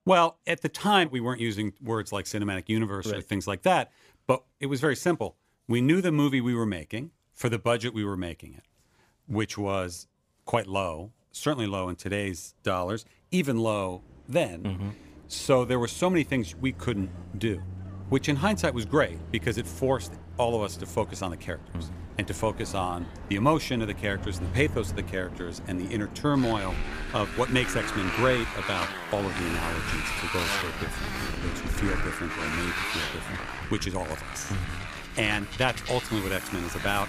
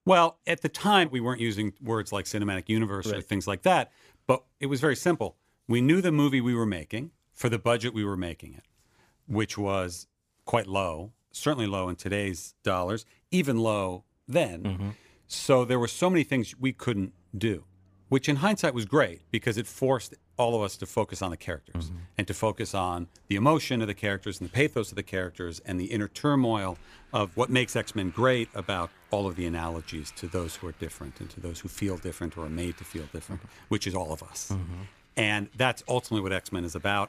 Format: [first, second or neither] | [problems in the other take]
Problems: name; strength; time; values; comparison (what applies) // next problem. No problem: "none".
second | traffic noise; loud; throughout; 6 dB below the speech; faint in the second